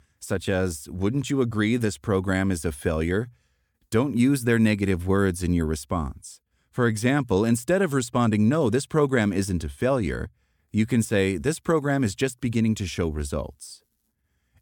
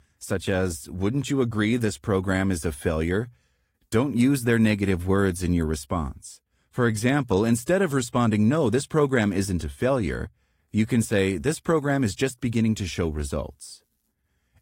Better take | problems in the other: first | garbled, watery; slightly; nothing above 15.5 kHz

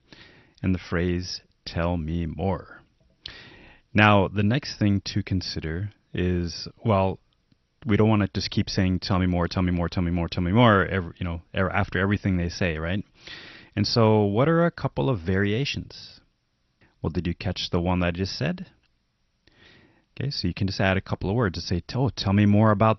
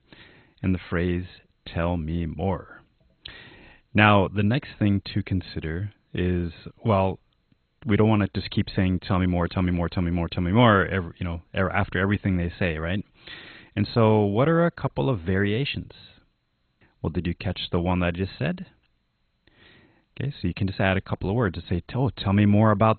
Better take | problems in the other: first | garbled, watery; badly; nothing above 4 kHz; slightly in the first

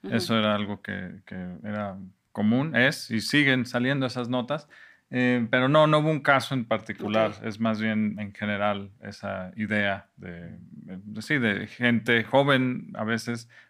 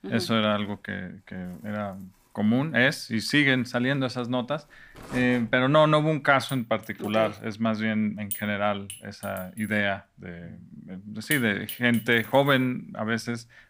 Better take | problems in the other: first | household noises; noticeable; throughout; 15 dB below the speech

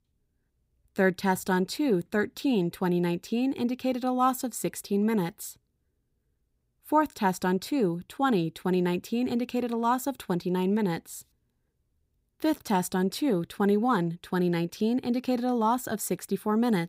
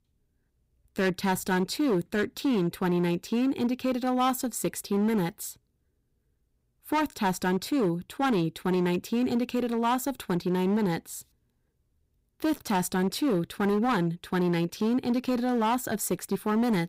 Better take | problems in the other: first | distortion; slight; 11% of the sound clipped

